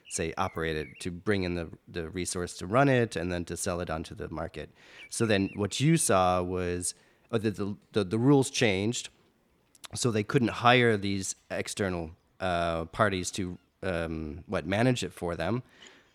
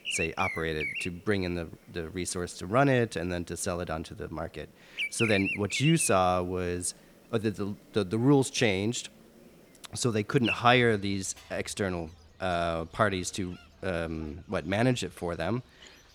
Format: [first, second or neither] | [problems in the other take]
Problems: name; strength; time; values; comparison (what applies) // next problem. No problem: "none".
first | animal sounds; loud; throughout; 4 dB below the speech; faint in the first